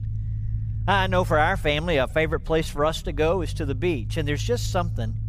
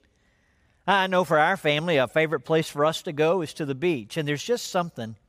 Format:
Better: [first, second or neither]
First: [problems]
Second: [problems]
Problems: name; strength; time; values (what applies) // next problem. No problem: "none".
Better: second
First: low rumble; faint; throughout; 20 dB below the speech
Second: none